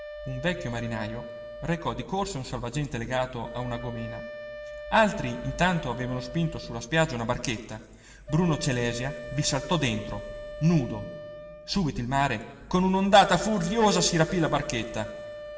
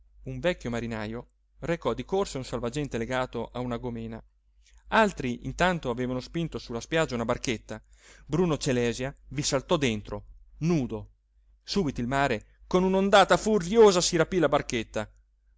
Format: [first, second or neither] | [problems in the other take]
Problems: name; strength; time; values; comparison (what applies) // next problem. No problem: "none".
second | background sound (Wind instrument, woodwind instrument); 14 dB below the speech // room echo; dies away in 1.6 s